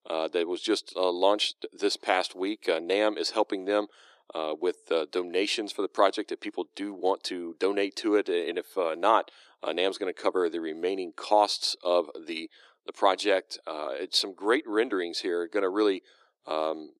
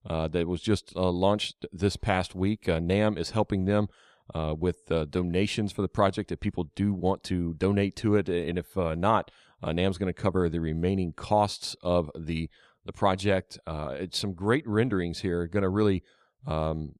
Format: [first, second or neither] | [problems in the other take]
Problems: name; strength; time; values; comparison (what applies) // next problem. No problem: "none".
second | thin; very; fading below 300 Hz